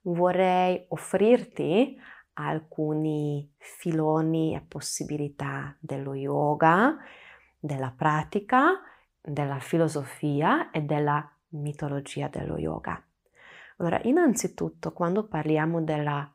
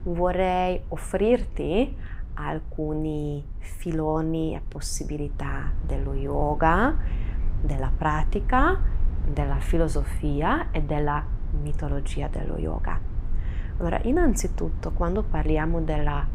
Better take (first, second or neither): first